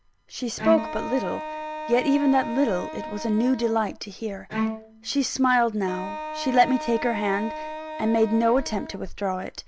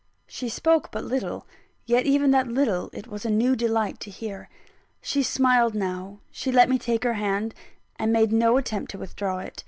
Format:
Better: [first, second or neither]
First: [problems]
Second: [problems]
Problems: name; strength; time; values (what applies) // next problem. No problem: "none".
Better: second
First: background sound (Bowed string instrument + Wind instrument, woodwind instrument); 8 dB below the speech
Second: none